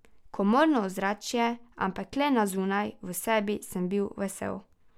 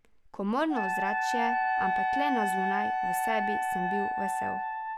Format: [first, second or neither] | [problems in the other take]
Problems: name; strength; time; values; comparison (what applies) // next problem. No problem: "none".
first | background sound (Wind instrument, woodwind instrument + Wind instrument, woodwind instrument); 4 dB above the speech